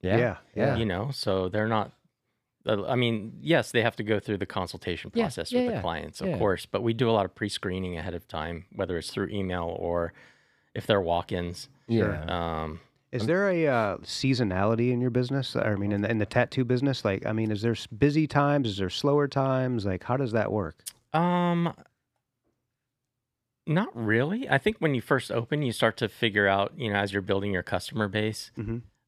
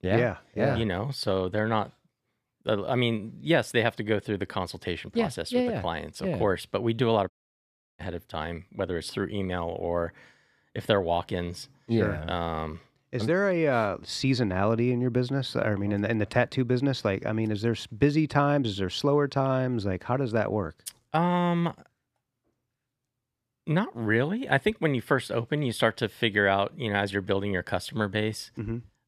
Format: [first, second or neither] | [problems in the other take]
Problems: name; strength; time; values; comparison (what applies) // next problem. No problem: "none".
first | audio cutting out; at 7.5 s for 0.5 s